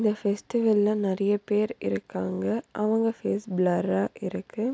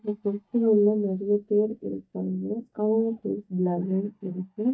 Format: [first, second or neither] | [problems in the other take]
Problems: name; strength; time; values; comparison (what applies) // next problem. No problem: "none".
first | noise reduction (neural mask model DeepFilterNet 3)